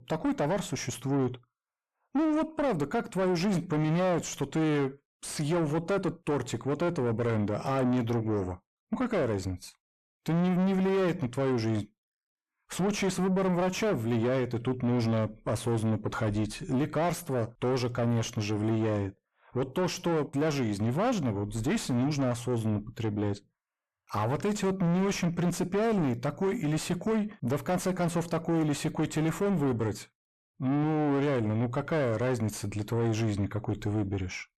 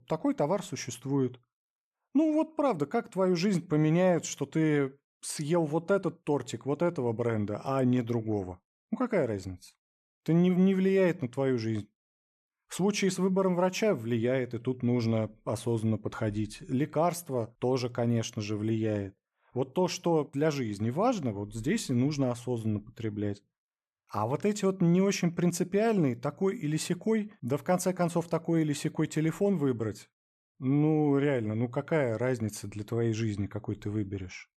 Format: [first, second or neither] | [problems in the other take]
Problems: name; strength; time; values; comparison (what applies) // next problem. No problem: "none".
second | distortion; heavy; 7 dB below the speech